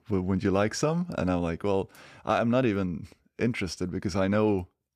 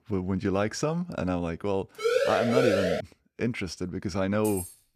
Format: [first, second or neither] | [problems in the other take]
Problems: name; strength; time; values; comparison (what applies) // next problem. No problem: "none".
first | siren; loud; from 2 to 3 s; peak 5 dB above the speech // jangling keys; noticeable; at 4.5 s; peak 8 dB below the speech